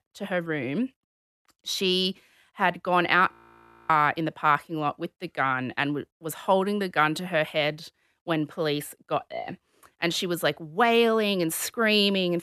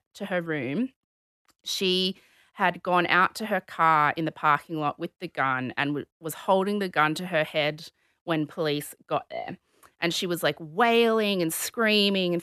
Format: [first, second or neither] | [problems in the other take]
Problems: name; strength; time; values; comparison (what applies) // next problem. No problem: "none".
second | audio freezing; at 3.5 s for 0.5 s